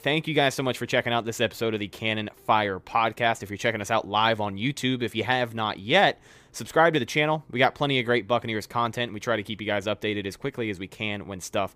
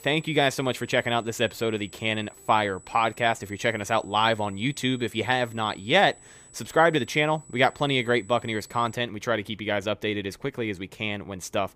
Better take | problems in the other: first | high-pitched whine; faint; until 9 s; 8 kHz, 25 dB below the speech

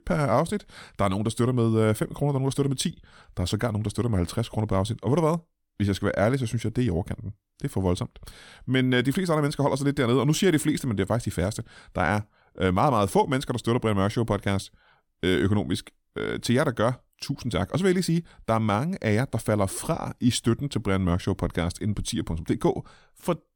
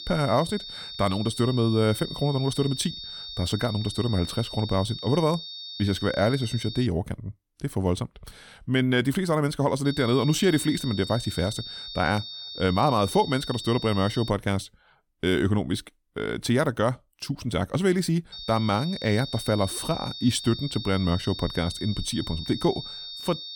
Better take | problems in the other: first | high-pitched whine; loud; until 7 s, from 10 to 14 s and from 18 s on; 3.5 kHz, 10 dB below the speech

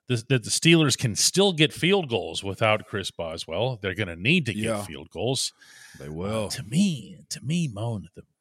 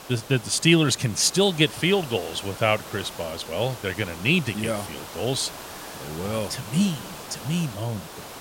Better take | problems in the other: first | hiss; noticeable; throughout; 15 dB below the speech

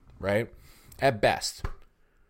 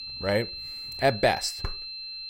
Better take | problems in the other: first | high-pitched whine; loud; throughout; 4 kHz, 8 dB below the speech

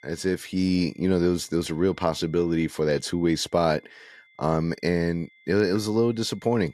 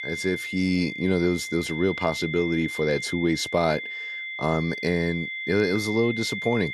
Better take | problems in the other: first | high-pitched whine; loud; throughout; 2 kHz, 6 dB below the speech; faint in the first

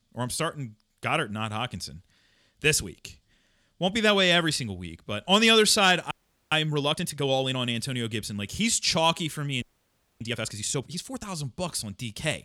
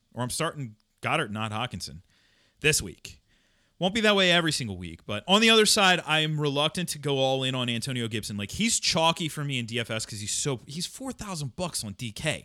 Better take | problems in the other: second | audio freezing; at 6 s and at 9.5 s for 0.5 s

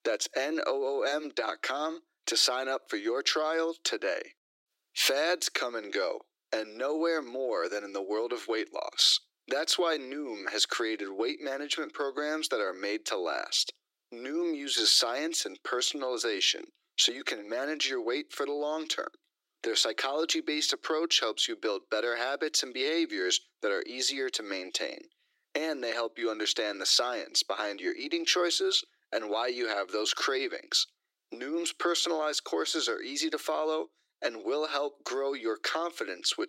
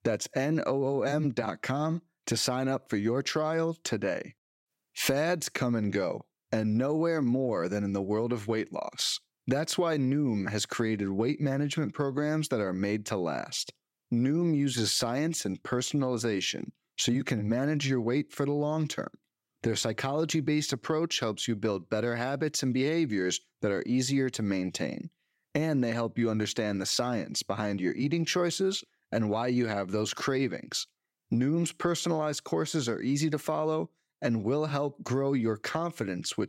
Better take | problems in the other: second | thin; very; fading below 300 Hz

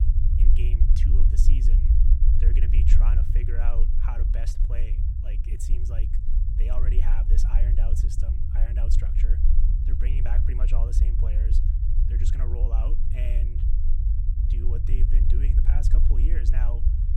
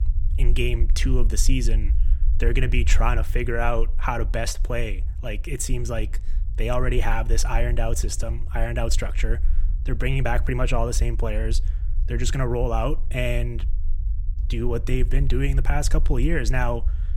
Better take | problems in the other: second | low rumble; loud; throughout; 1 dB below the speech; faint in the second

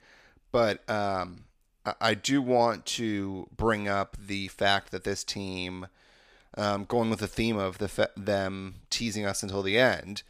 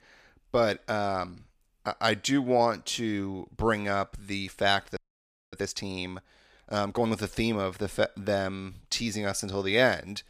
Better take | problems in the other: first | audio freezing; at 5 s for 0.5 s

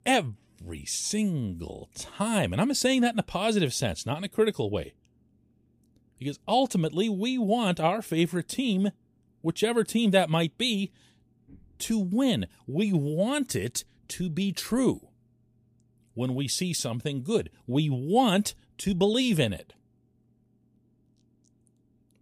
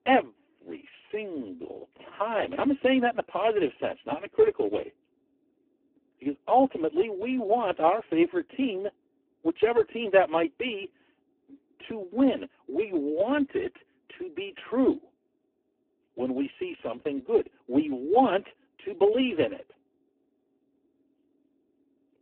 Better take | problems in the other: first | phone-call audio; poor line

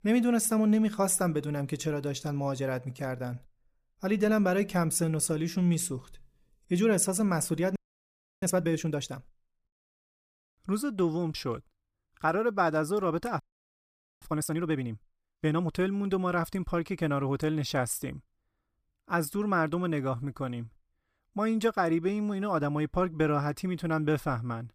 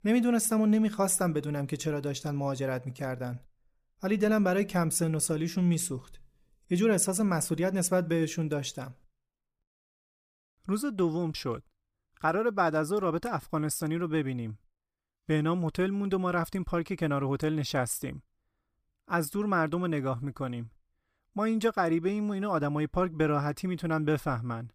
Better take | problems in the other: second | audio freezing; at 8 s for 0.5 s and at 13 s for 1 s

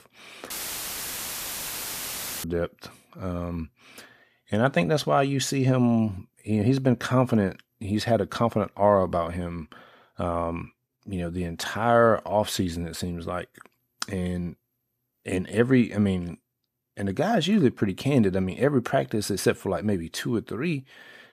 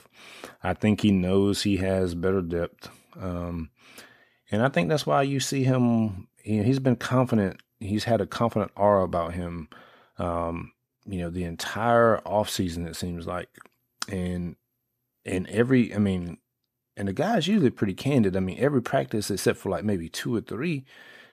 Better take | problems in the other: second | audio cutting out; filled with static; at 0.5 s for 2 s

